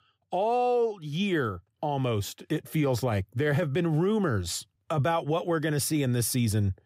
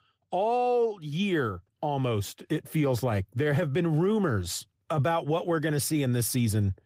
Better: first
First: none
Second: garbled, watery; slightly; nothing above 15.5 kHz

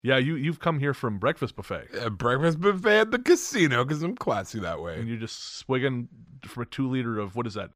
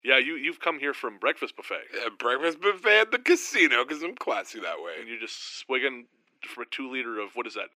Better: first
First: none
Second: thin; somewhat; fading below 300 Hz

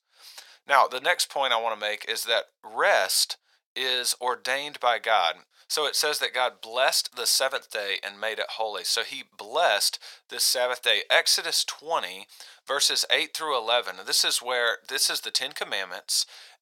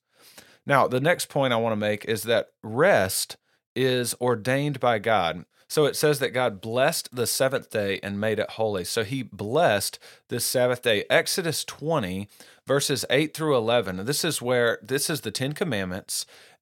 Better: second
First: thin; very; fading below 850 Hz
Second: none

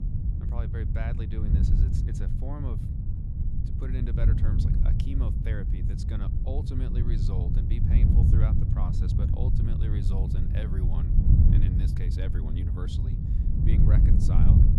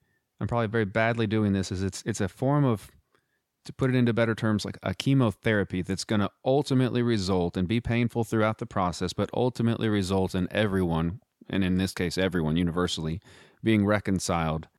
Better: second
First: wind noise on the microphone; heavy; 3 dB above the speech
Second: none

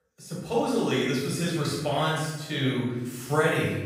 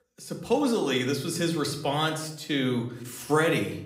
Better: second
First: room echo; strong; dies away in 1 s // off-mic speech; far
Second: room echo; slight; dies away in 0.6 s

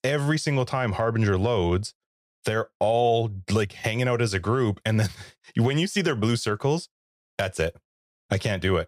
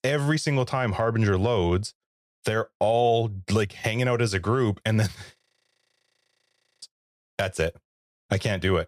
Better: first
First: none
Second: audio freezing; at 5.5 s for 1.5 s

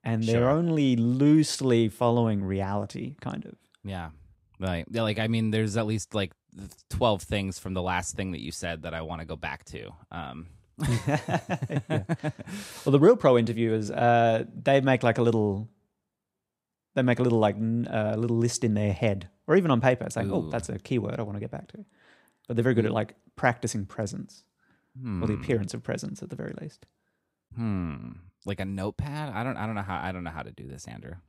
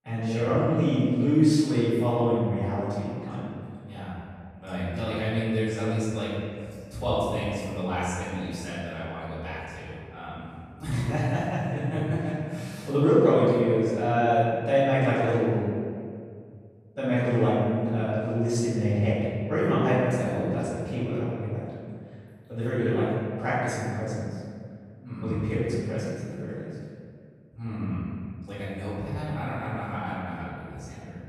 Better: first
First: none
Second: off-mic speech; far // room echo; strong; dies away in 1.9 s

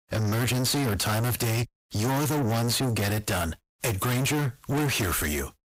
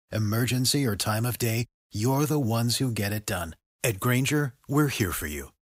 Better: second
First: distortion; heavy; 5 dB below the speech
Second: none

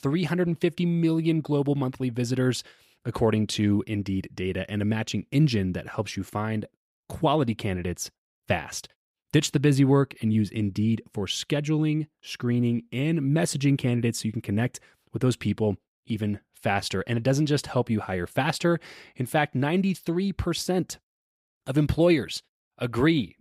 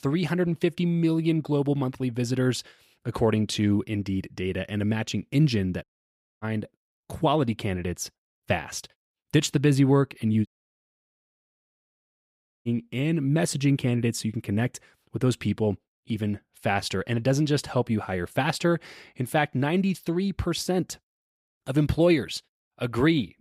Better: first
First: none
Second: audio cutting out; at 6 s for 0.5 s and at 10 s for 2 s

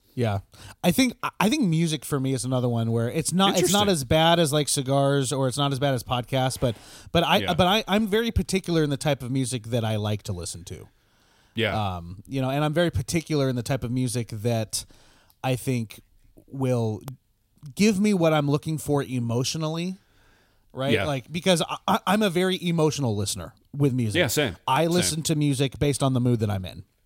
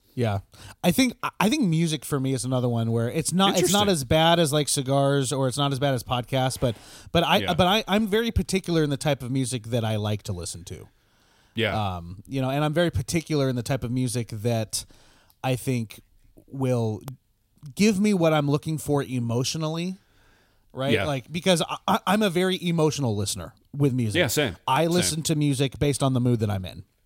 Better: neither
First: none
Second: none

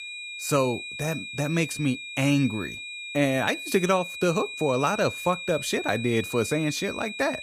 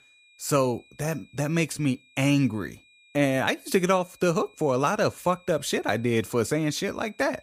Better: second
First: high-pitched whine; loud; throughout; 2.5 kHz, 8 dB below the speech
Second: high-pitched whine; faint; throughout; 2.5 kHz, 30 dB below the speech

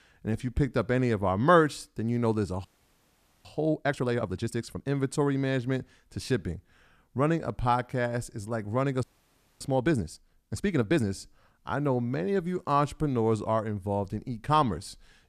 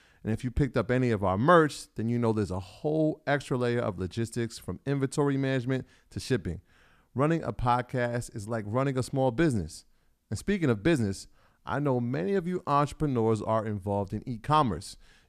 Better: second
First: audio freezing; at 2.5 s for 1 s and at 9 s for 0.5 s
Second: none

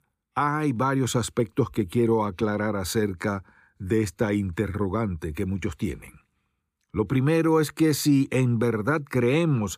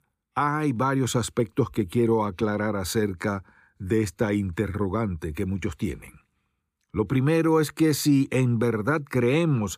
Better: neither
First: none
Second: none

